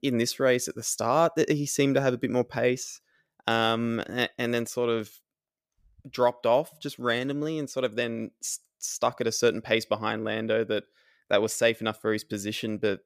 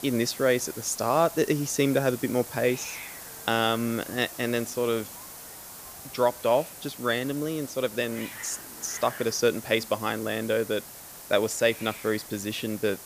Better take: first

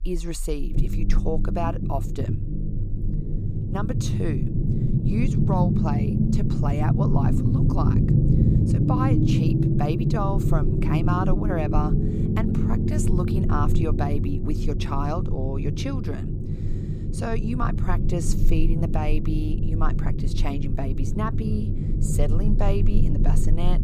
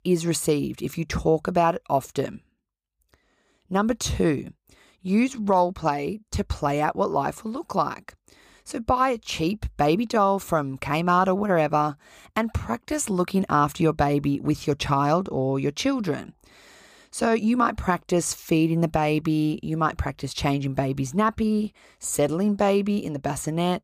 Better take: second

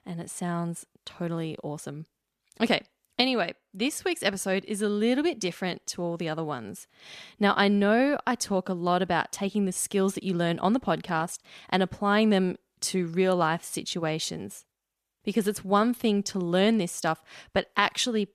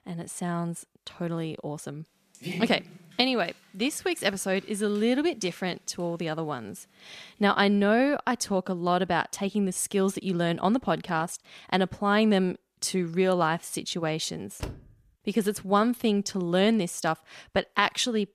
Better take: first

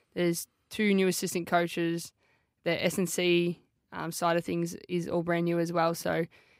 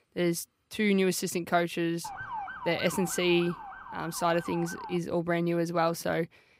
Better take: first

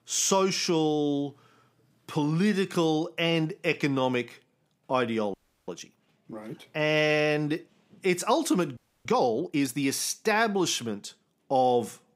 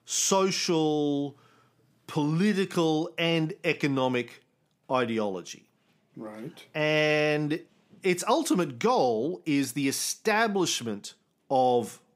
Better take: second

